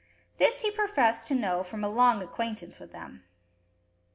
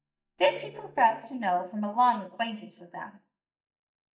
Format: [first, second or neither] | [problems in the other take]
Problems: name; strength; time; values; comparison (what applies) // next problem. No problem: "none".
first | noise reduction (neural mask model DeepFilterNet 3)